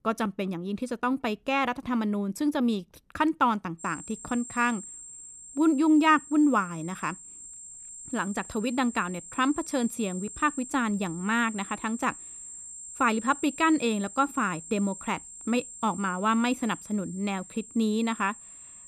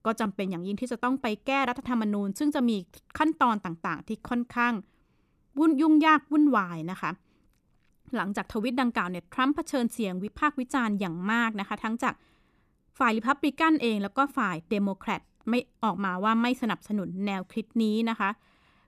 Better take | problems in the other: second | high-pitched whine; noticeable; from 4 s on; 7.5 kHz, 15 dB below the speech

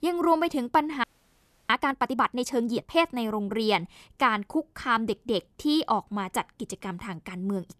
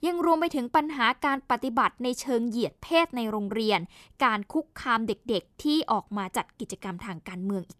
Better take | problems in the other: second | audio freezing; at 1 s for 0.5 s

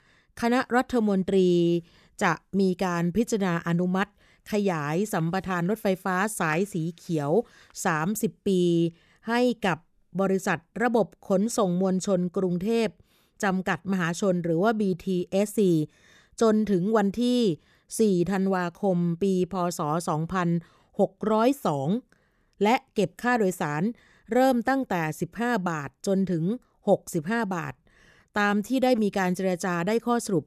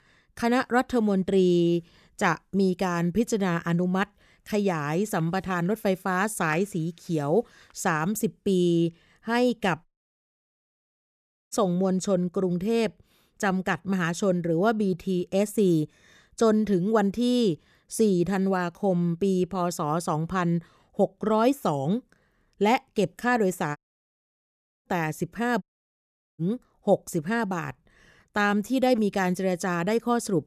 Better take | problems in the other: first | audio cutting out; at 10 s for 1.5 s, at 24 s for 1 s and at 26 s for 1 s

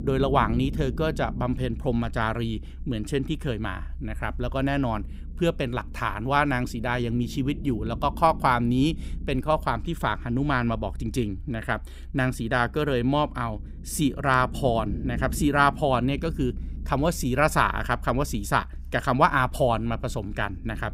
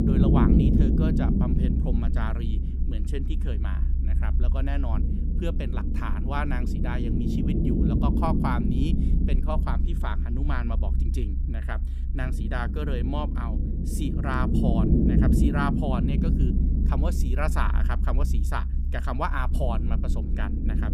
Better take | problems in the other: first | low rumble; loud; throughout; 1 dB below the speech; faint in the first

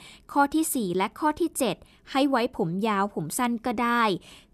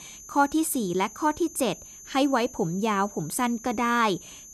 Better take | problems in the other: first | high-pitched whine; noticeable; throughout; 6.5 kHz, 15 dB below the speech

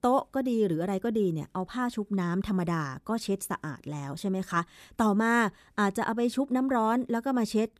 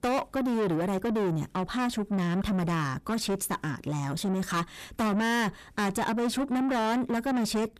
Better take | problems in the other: first | distortion; heavy; 7 dB below the speech

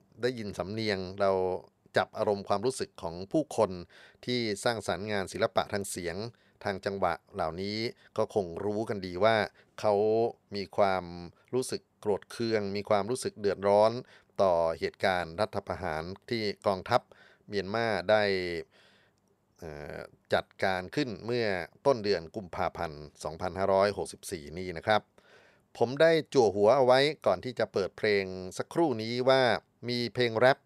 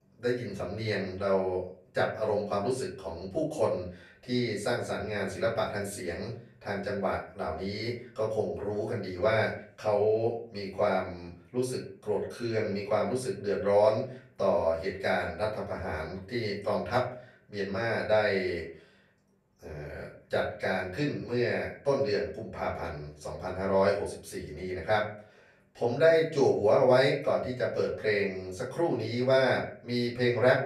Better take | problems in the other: first | room echo; slight; dies away in 0.4 s // off-mic speech; far

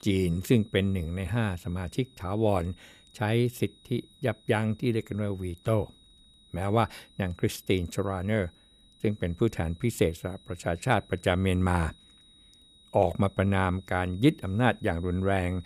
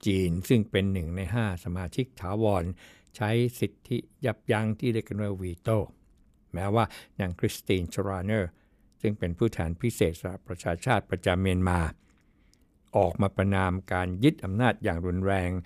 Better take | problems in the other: second | high-pitched whine; faint; throughout; 4 kHz, 30 dB below the speech

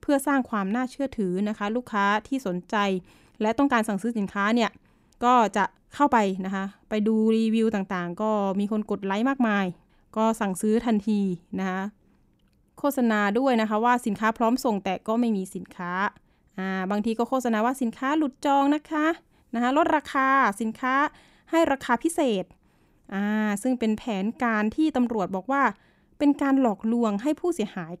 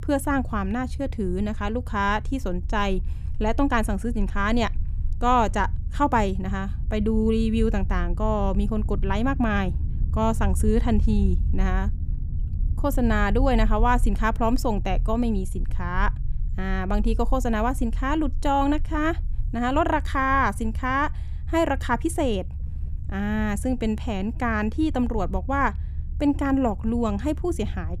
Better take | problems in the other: first | low rumble; faint; throughout; 20 dB below the speech

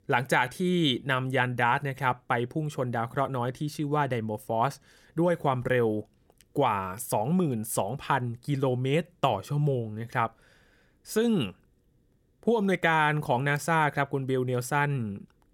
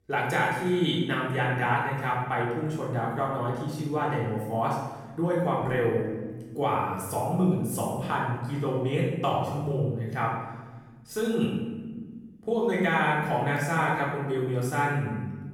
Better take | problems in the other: first | room echo; noticeable; dies away in 1.1 s // off-mic speech; far

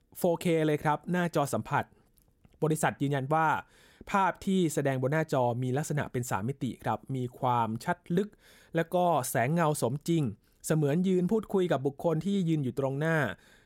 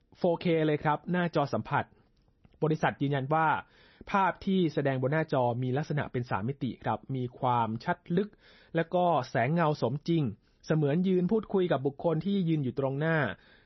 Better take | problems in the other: first | garbled, watery; slightly; nothing above 6 kHz

